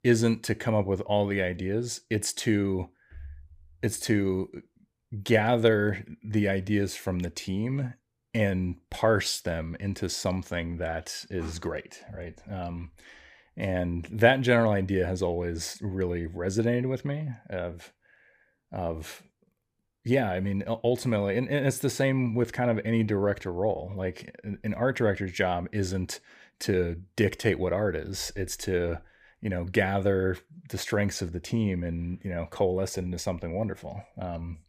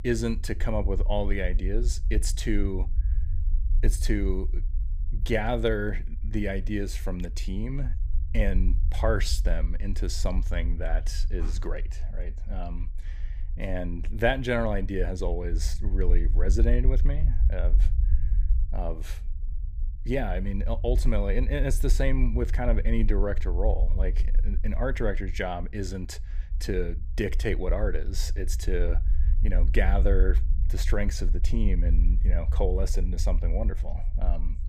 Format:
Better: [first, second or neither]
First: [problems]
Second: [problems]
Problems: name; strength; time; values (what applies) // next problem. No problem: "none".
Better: first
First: none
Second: low rumble; noticeable; throughout; 20 dB below the speech